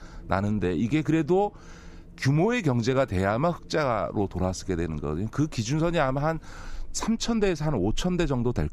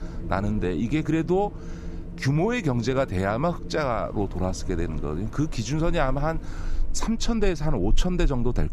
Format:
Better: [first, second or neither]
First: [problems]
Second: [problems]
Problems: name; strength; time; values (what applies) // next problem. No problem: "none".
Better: first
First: wind in the background; faint; throughout; 20 dB below the speech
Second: wind in the background; loud; throughout; 9 dB below the speech